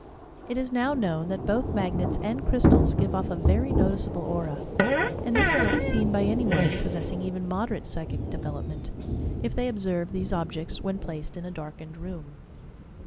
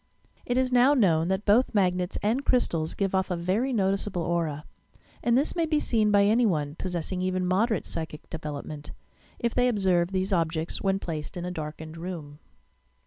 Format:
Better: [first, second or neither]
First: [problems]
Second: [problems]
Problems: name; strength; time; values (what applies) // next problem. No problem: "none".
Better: second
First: background sound (Thunder / Rain + Fart); 2 dB above the speech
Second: none